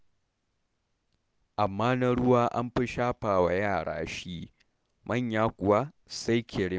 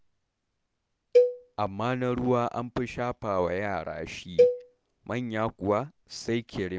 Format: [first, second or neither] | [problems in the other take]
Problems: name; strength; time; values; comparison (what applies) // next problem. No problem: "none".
first | background sound (Cowbell); 3 dB above the speech